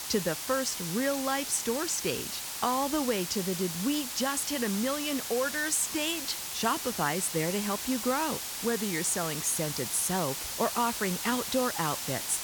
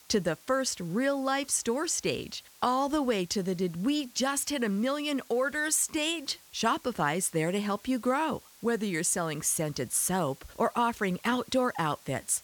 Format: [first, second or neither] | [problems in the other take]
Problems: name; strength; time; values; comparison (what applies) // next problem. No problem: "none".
second | hiss; loud; throughout; 3 dB below the speech; faint in the second